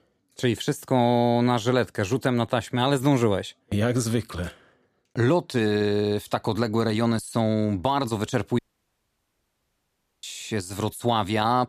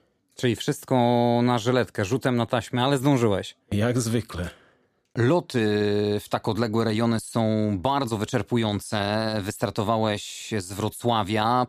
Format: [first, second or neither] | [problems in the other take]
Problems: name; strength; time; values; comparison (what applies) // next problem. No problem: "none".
second | audio cutting out; at 8.5 s for 1.5 s